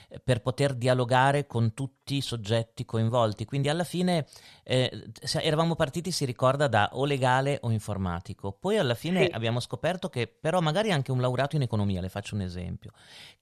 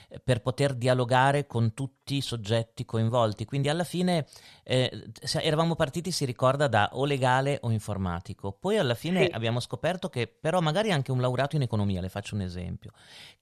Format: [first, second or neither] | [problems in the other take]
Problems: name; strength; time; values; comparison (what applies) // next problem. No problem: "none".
neither | none